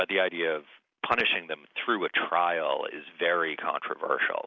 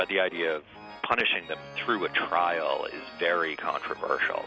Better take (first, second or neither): first